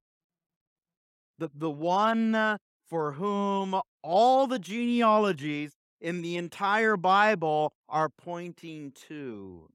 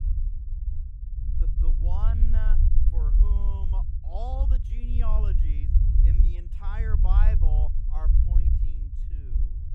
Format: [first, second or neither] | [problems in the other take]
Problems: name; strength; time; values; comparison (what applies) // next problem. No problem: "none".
first | low rumble; loud; throughout; 3 dB below the speech